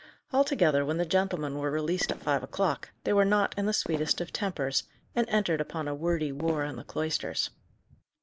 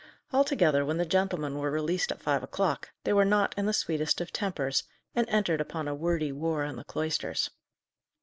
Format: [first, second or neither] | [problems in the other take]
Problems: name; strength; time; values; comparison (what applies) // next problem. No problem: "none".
second | background sound (Fireworks); 16 dB below the speech